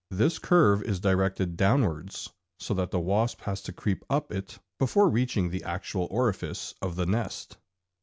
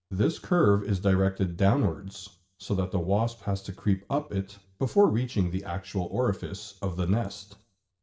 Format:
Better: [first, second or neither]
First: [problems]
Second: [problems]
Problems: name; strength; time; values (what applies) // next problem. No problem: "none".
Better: first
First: none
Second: room echo; dies away in 0.4 s